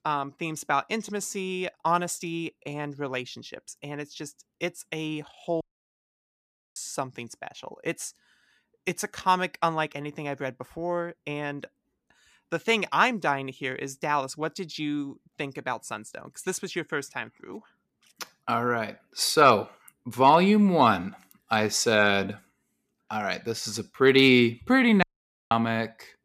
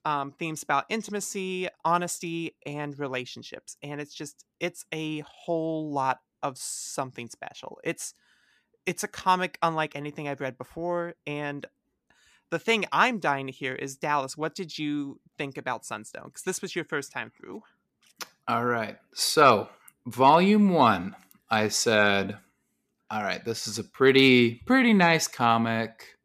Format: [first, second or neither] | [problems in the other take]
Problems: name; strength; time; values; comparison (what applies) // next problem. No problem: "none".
second | audio cutting out; at 5.5 s for 1 s and at 25 s